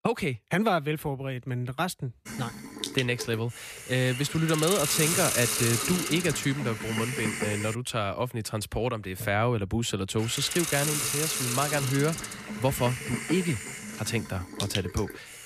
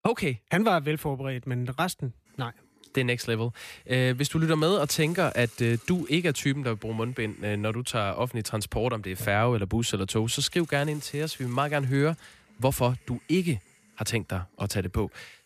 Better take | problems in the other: second | hiss; loud; from 2.5 to 8 s and from 10 s on; 2 dB below the speech; faint in the second

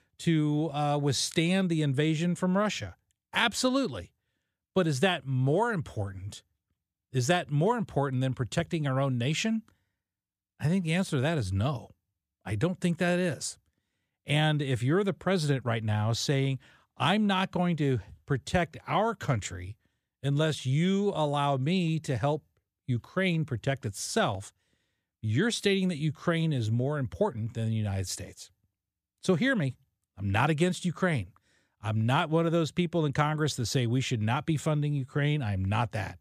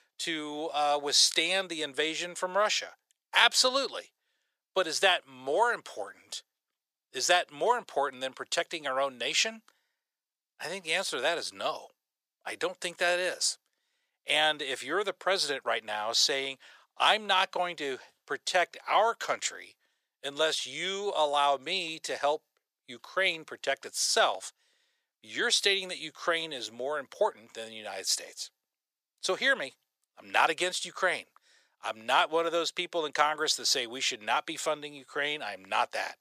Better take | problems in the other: first | thin; very; fading below 500 Hz

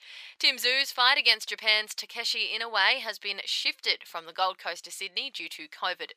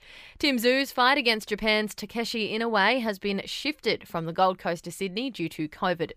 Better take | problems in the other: second | thin; very; fading below 800 Hz

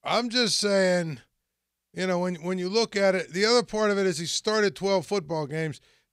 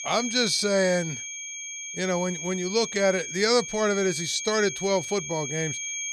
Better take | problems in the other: first | high-pitched whine; loud; throughout; 6.5 kHz, 7 dB below the speech

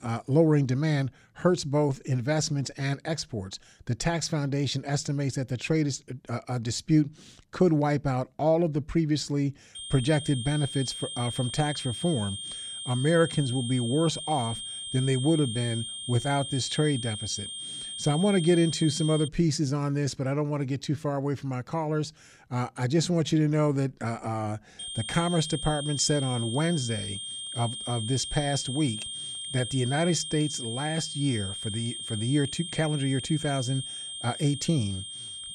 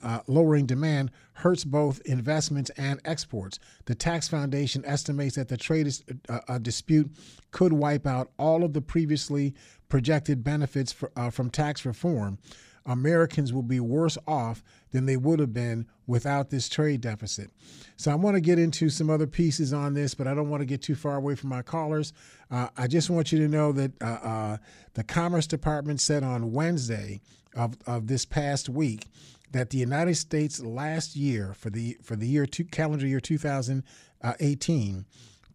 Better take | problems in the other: second | high-pitched whine; loud; from 10 to 19 s and from 25 s on; 3 kHz, 7 dB below the speech

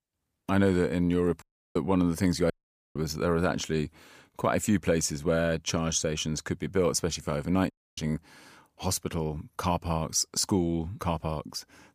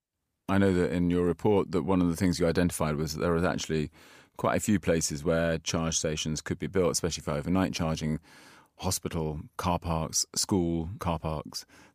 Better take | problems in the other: second | audio cutting out; at 1.5 s, at 2.5 s and at 7.5 s

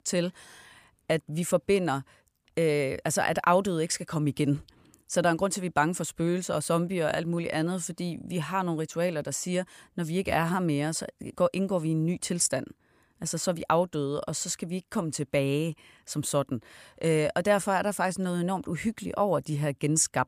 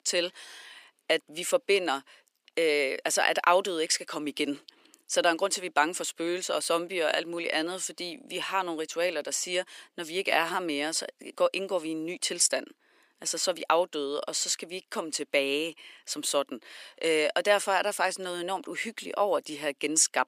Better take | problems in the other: first | thin; somewhat; fading below 300 Hz

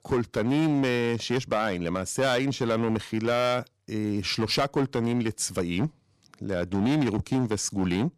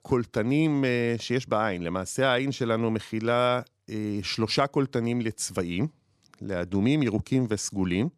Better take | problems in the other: second | distortion; slight; 9% of the sound clipped

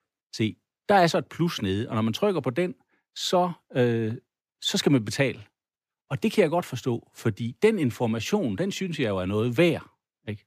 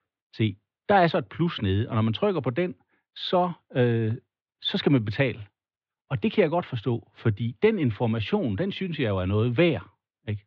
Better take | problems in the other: first | muffled; slightly; fading above 3.5 kHz

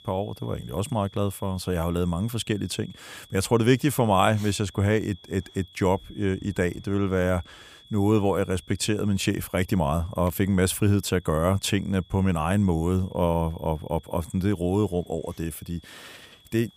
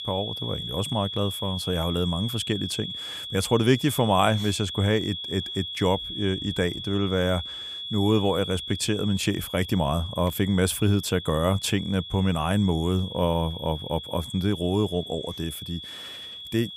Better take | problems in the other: first | high-pitched whine; loud; throughout; 3.5 kHz, 8 dB below the speech; faint in the first

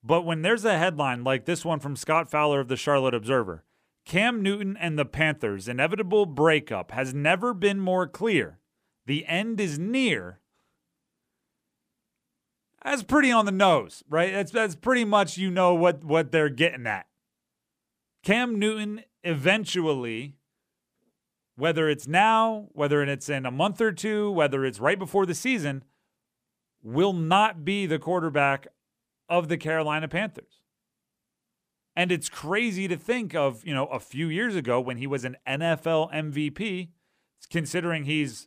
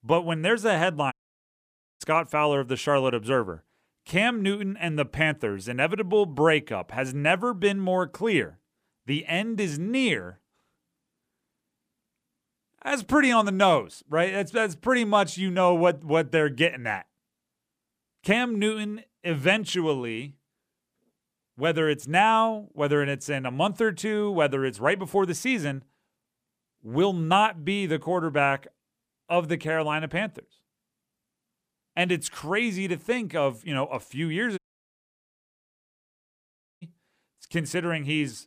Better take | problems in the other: first | audio cutting out; at 1 s for 1 s and at 35 s for 2 s

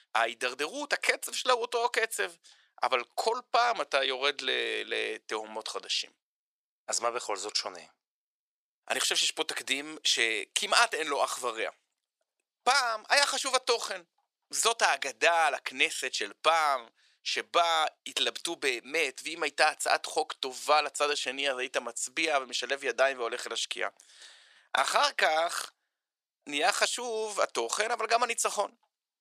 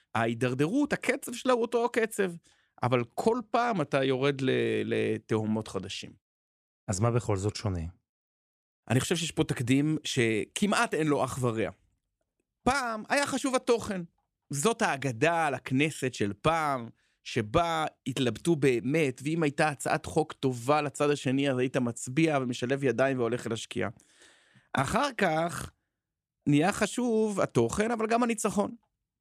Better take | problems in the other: second | thin; very; fading below 600 Hz

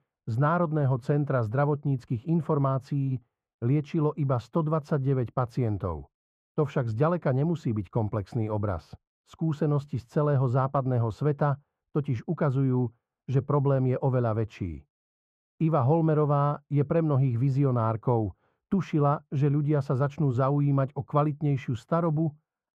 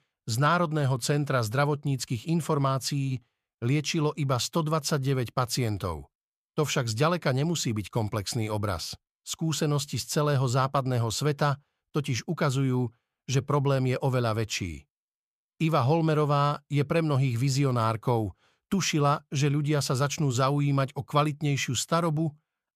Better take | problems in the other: second | muffled; very; fading above 2.5 kHz

